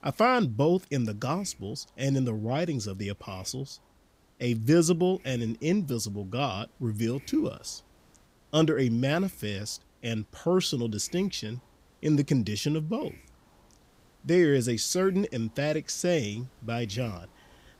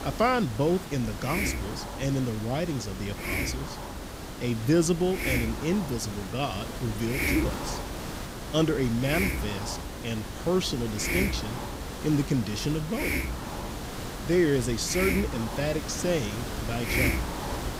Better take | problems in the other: first | hiss; loud; throughout; 4 dB below the speech; faint in the first

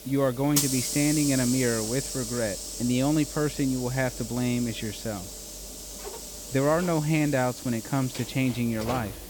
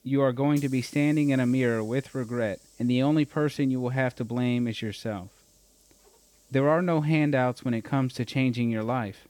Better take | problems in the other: second | hiss; loud; throughout; 6 dB below the speech; faint in the second

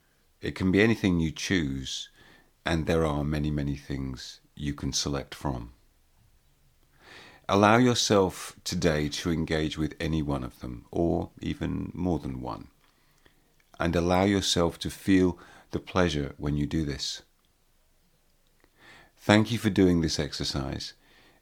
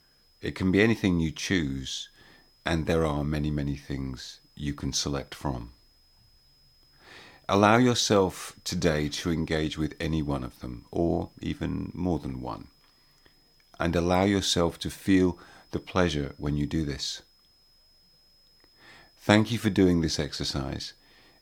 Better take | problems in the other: first | high-pitched whine; faint; throughout; 5 kHz, 35 dB below the speech

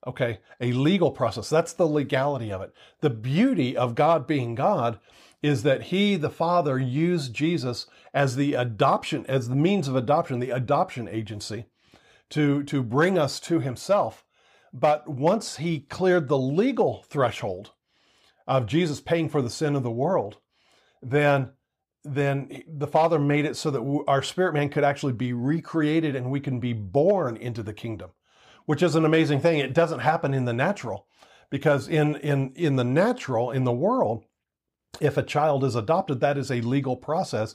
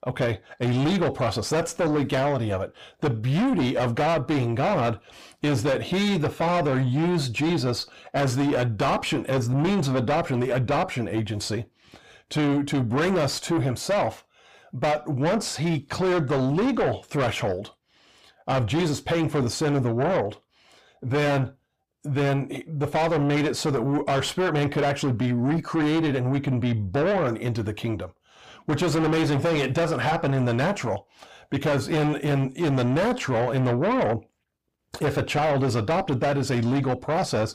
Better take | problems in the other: first | distortion; heavy; 6 dB below the speech

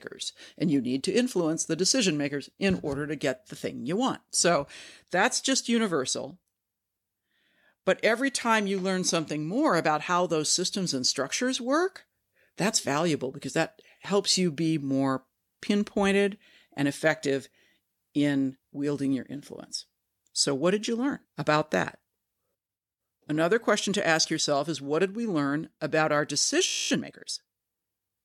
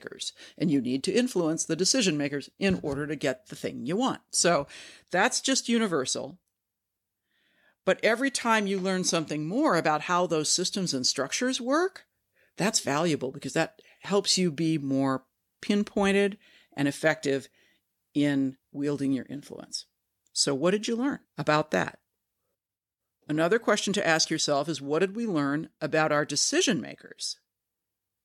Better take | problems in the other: second | audio freezing; at 27 s

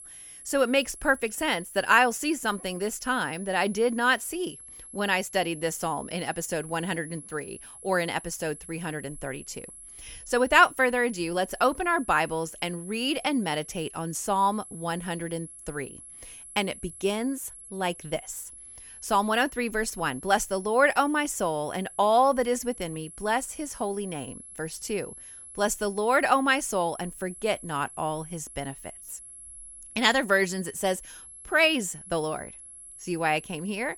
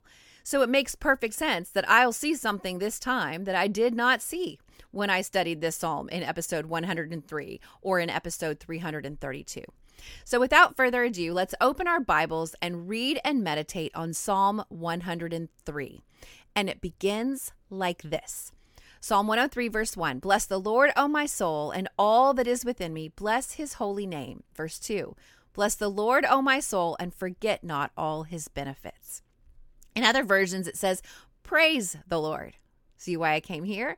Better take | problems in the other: second | high-pitched whine; noticeable; throughout; 11 kHz, 15 dB below the speech

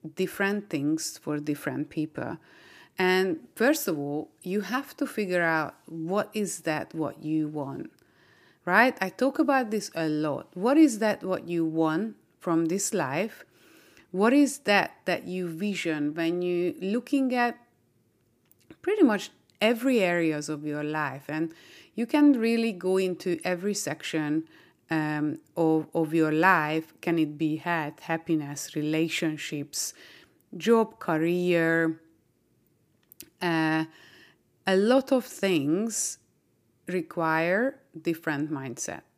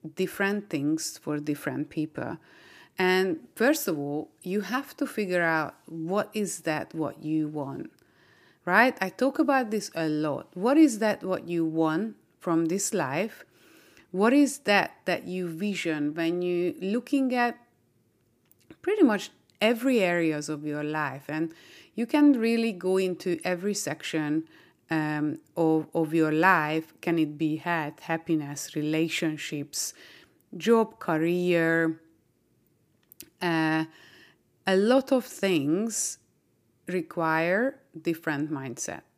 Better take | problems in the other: neither | none

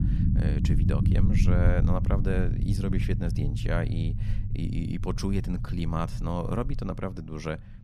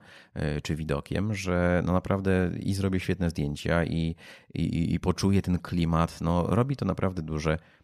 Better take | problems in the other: second | low rumble; loud; throughout; 5 dB below the speech

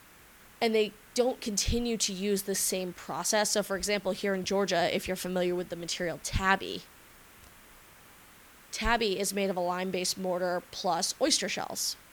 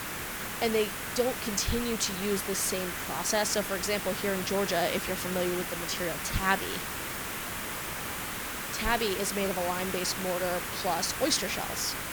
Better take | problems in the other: first | hiss; loud; throughout; 3 dB below the speech; faint in the first

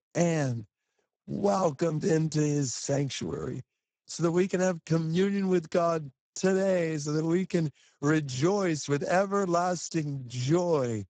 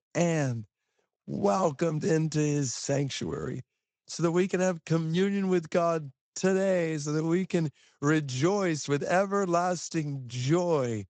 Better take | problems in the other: second | garbled, watery; badly; nothing above 7.5 kHz; slightly in the second

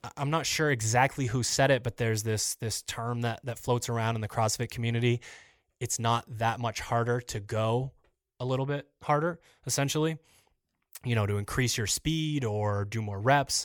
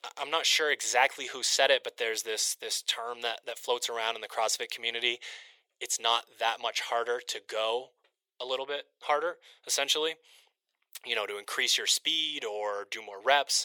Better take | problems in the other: first | thin; very; fading below 450 Hz

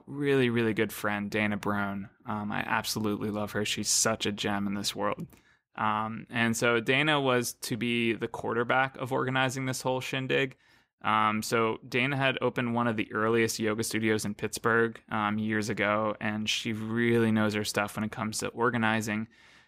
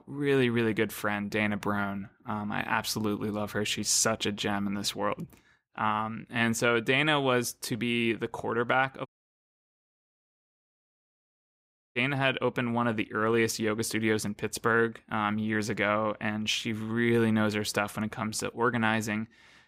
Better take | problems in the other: first | audio cutting out; at 9 s for 3 s

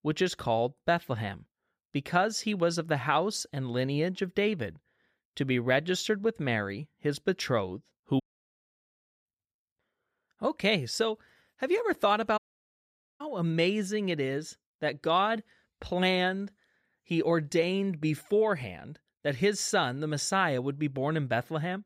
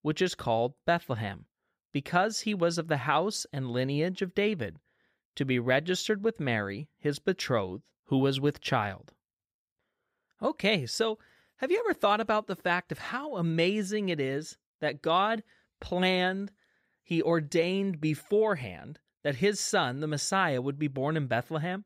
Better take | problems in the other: second | audio cutting out; at 8 s for 1 s and at 12 s for 1 s

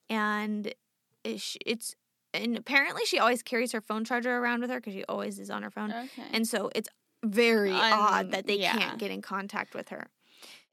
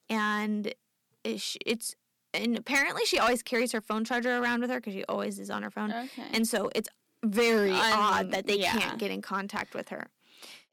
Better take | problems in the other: first | distortion; slight; 3% of the sound clipped

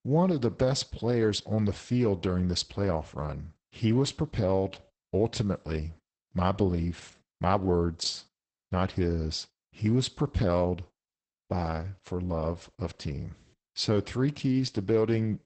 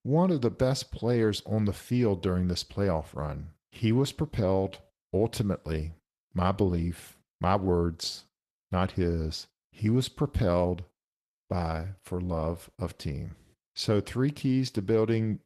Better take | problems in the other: second | garbled, watery; badly; nothing above 8 kHz; slightly in the second

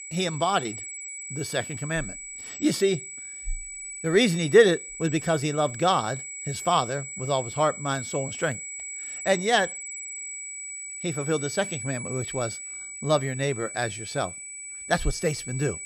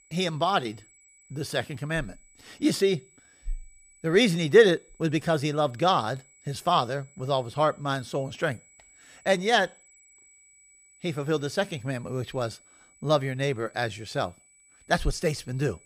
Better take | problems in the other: second | high-pitched whine; loud; throughout; 8 kHz, 9 dB below the speech; faint in the second

